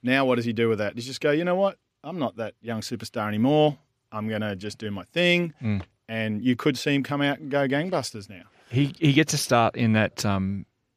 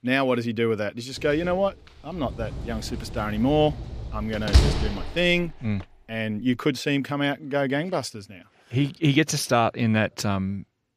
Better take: first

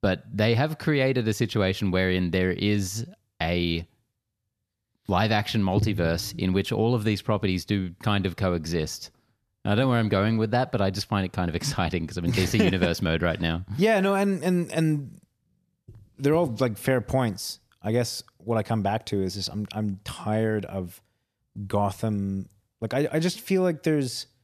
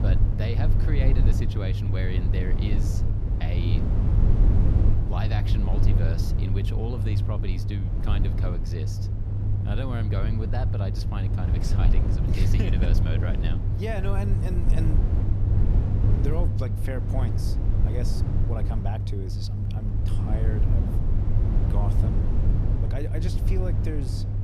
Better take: first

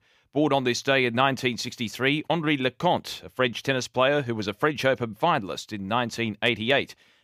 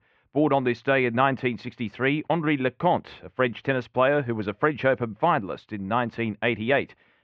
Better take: first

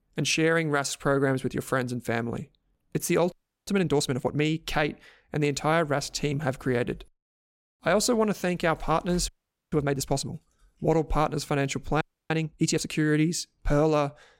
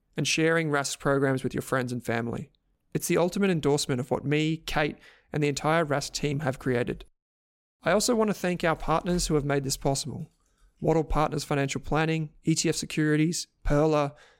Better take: second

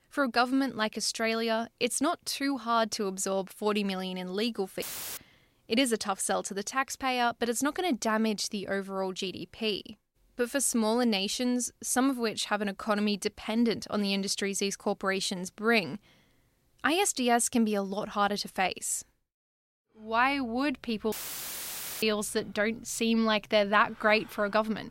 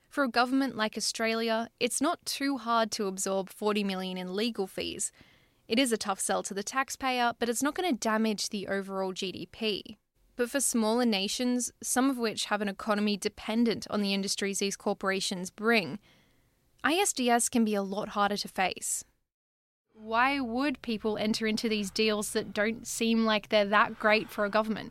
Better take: second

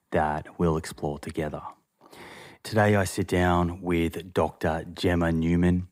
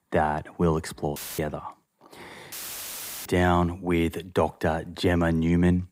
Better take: first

